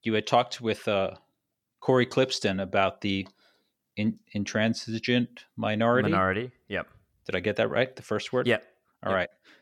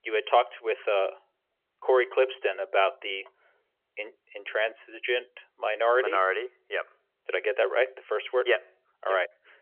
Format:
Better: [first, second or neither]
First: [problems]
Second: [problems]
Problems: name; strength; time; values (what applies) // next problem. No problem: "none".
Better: first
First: none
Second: phone-call audio; nothing above 3 kHz